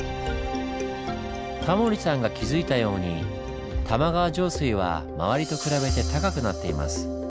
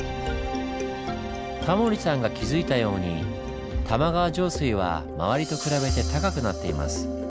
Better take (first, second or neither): first